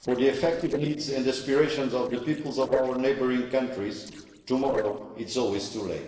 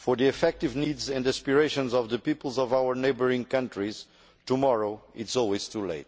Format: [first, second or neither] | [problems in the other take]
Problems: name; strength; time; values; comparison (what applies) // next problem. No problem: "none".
second | noise reduction (neural separator model SepFormer DNS4)